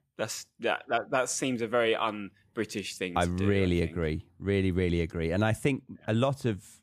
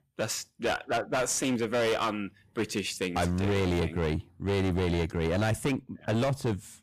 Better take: first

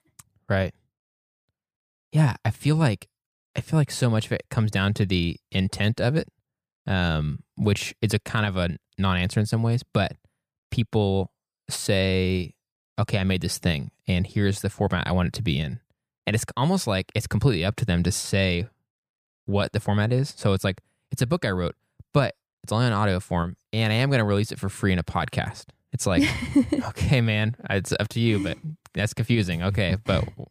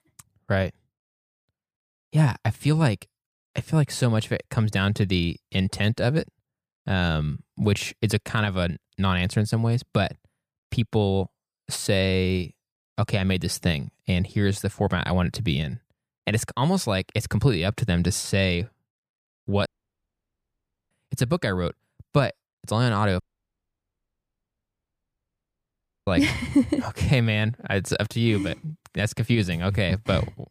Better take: first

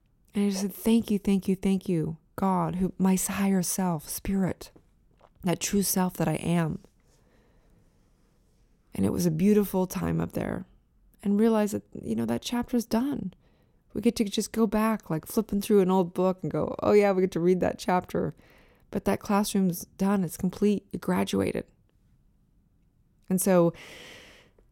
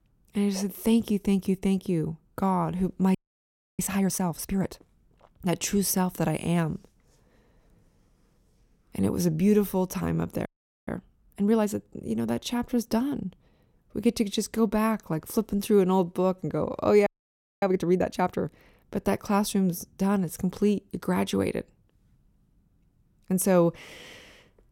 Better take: first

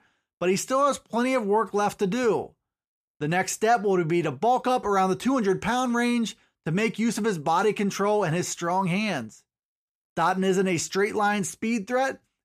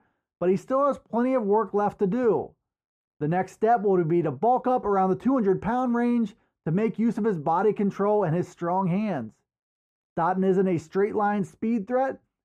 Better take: first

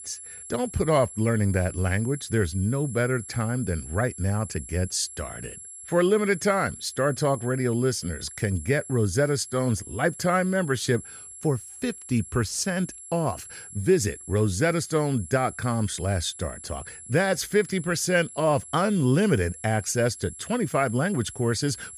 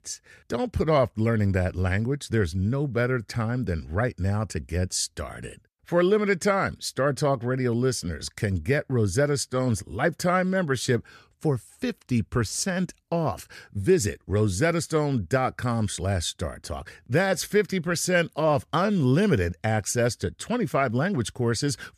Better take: second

